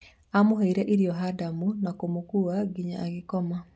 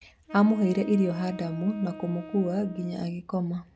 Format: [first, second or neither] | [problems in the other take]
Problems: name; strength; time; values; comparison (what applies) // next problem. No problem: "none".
first | background sound (Wind instrument, woodwind instrument); 16 dB below the speech